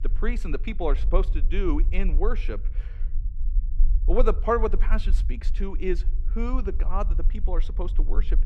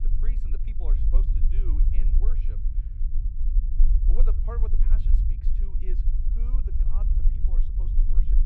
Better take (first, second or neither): first